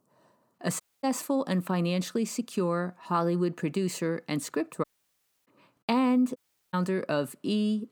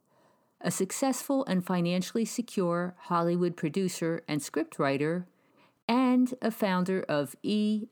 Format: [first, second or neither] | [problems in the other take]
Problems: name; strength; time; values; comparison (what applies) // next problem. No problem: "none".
second | audio cutting out; at 1 s, at 5 s for 0.5 s and at 6.5 s